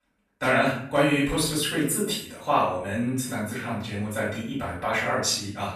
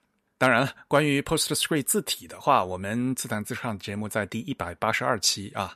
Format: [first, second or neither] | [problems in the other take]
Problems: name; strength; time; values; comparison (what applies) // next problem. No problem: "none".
second | off-mic speech; far // room echo; noticeable; dies away in 0.5 s